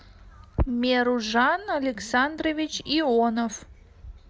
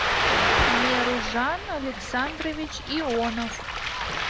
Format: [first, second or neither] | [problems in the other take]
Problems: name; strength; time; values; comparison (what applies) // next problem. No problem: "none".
first | background sound (Ocean); 3 dB above the speech